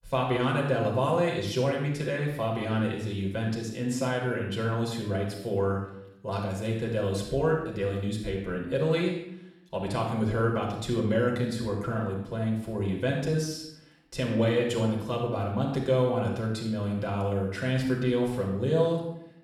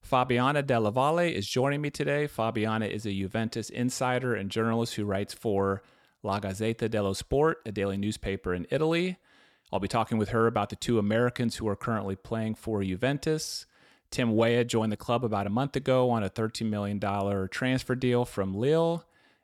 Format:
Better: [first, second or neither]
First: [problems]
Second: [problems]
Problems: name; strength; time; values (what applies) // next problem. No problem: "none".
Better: second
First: off-mic speech; far // room echo; noticeable; dies away in 0.7 s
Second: none